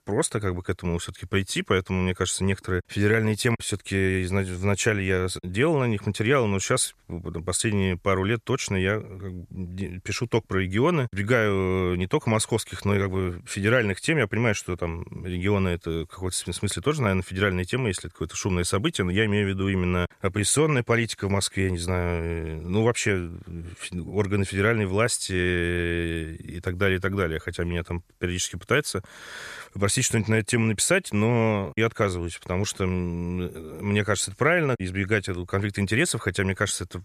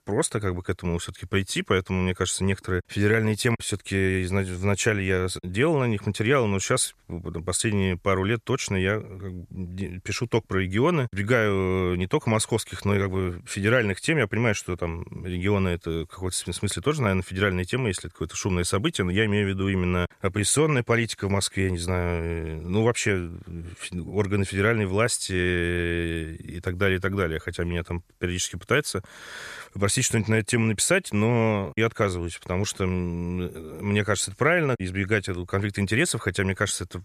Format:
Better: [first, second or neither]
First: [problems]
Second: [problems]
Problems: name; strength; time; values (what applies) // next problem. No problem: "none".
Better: neither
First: none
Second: none